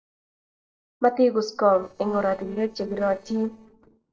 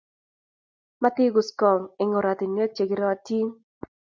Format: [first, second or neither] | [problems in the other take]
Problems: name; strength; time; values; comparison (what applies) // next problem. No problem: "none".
second | noise reduction (neural separator model SepFormer DNS4)